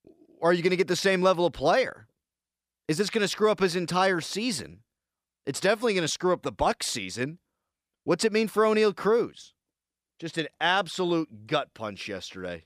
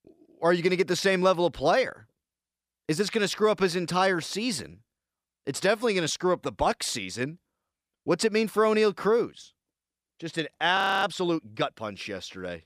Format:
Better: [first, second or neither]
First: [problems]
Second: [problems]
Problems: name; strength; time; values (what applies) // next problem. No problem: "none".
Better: first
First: none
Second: audio freezing; at 11 s